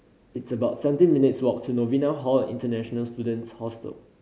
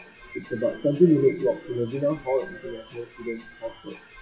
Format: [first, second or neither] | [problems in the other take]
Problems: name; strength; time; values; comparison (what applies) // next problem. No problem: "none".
first | noise reduction (classical method WPE with log-MMSE)